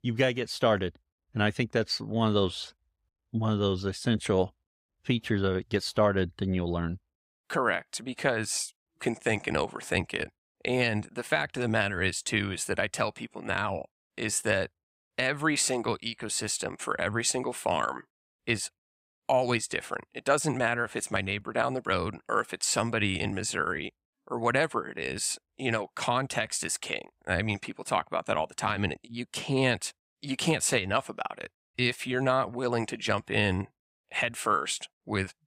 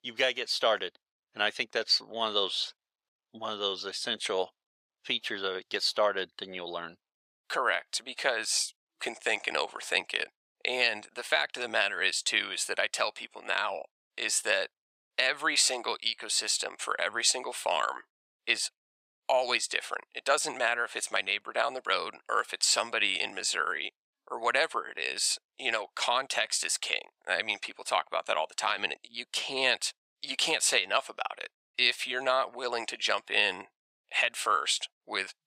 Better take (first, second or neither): first